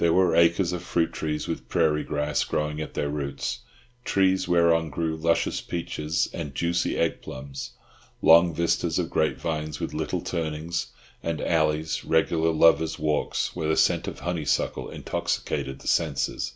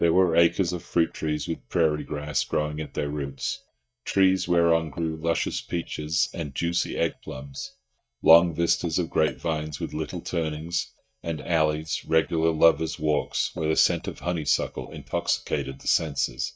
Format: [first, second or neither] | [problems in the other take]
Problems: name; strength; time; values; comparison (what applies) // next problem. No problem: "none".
first | noise reduction (neural mask model DeepFilterNet 3)